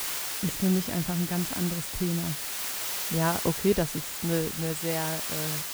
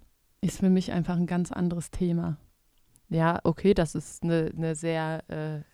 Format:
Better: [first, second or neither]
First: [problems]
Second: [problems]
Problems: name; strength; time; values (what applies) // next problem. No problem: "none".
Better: second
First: hiss; loud; throughout; 1 dB below the speech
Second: none